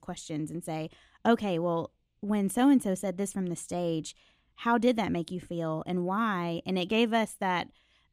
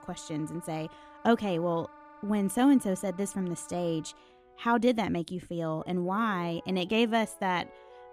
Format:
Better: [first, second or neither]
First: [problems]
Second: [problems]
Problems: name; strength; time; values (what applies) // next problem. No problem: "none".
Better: first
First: none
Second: background music; faint; throughout; 25 dB below the speech